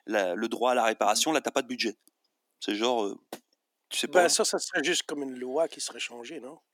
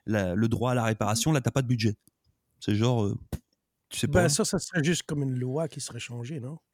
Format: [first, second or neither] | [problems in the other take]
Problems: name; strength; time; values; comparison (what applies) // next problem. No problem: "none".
second | thin; very; fading below 250 Hz